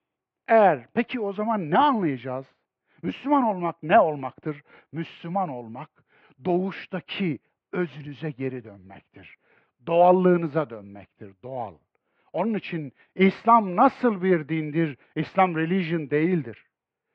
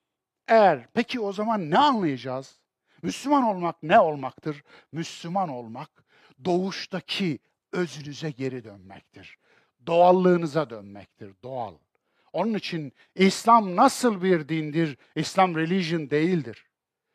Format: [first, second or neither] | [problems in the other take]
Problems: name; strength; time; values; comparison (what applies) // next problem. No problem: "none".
second | muffled; very; fading above 2.5 kHz